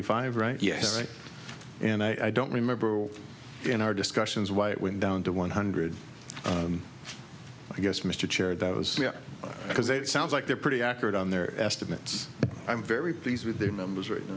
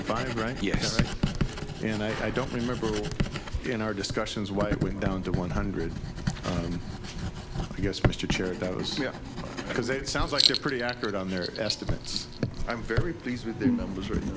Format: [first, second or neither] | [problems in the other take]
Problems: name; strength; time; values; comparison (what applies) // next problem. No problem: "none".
first | background sound (Writing); as loud as the speech